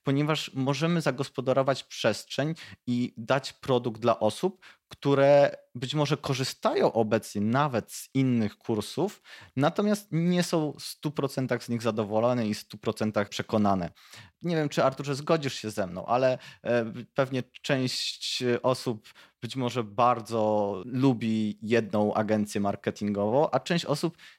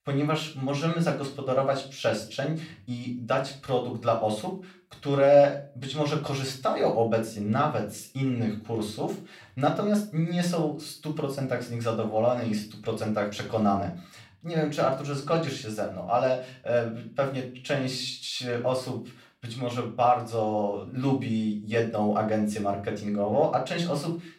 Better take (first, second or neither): first